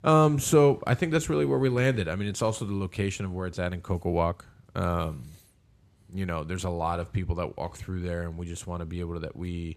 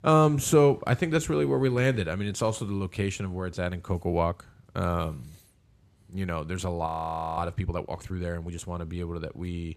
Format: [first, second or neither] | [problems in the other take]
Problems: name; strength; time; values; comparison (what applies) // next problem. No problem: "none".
first | audio freezing; at 7 s for 0.5 s